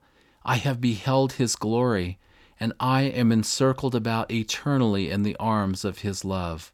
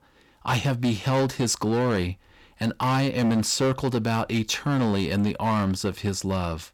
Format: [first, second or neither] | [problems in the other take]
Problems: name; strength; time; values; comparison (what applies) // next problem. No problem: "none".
first | distortion; slight; 13% of the sound clipped